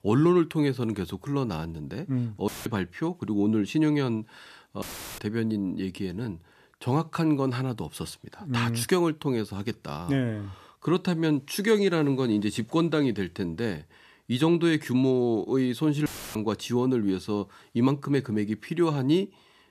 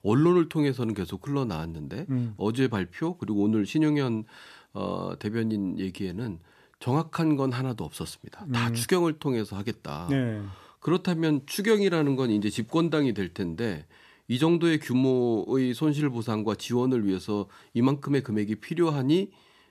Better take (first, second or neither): second